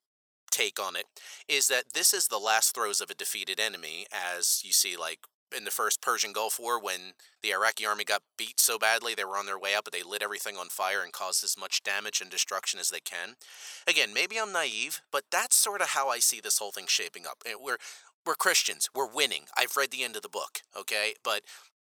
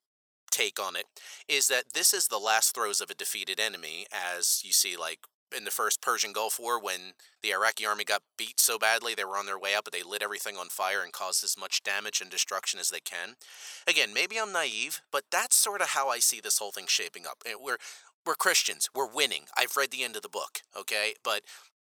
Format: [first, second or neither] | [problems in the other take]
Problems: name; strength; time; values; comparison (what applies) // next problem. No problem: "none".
neither | thin; very; fading below 850 Hz; the same in both